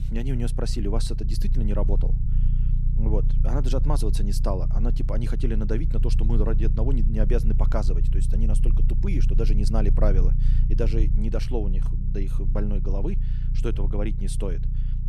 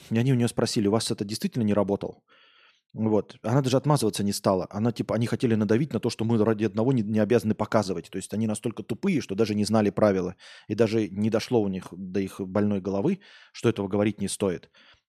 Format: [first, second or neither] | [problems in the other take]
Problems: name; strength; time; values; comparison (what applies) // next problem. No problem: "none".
second | low rumble; loud; throughout; 9 dB below the speech